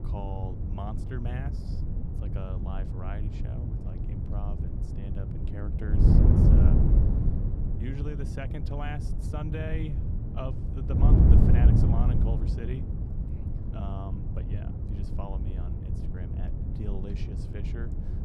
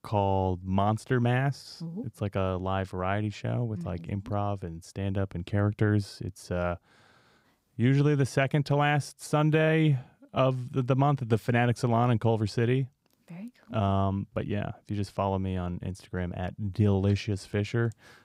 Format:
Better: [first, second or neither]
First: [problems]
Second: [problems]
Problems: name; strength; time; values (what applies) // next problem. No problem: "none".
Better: second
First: wind noise on the microphone; heavy; 3 dB above the speech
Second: none